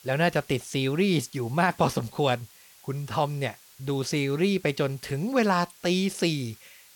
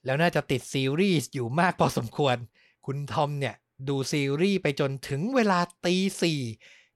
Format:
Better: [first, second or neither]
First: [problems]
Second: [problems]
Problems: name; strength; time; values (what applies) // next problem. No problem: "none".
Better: second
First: hiss; faint; throughout; 25 dB below the speech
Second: none